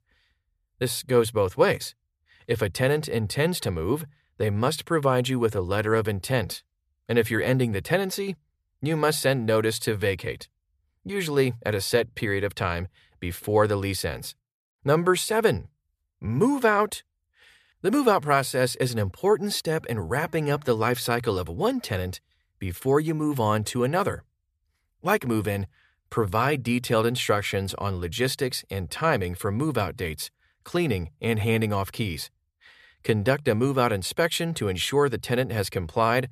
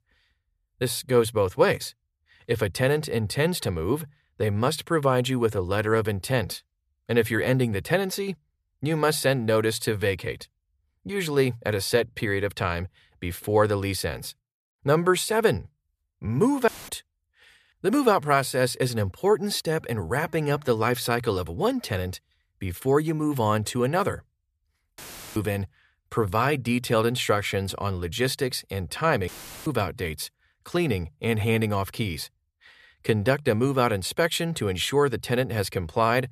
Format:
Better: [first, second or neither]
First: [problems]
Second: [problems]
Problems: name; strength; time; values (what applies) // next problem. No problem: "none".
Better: first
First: none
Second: audio cutting out; filled with static; at 17 s, at 25 s and at 29 s